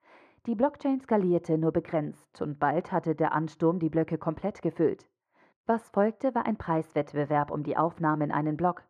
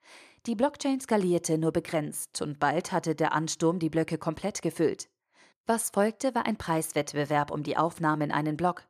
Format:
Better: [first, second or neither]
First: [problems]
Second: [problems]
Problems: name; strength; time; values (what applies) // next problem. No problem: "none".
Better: second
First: muffled; very; fading above 3.5 kHz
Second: none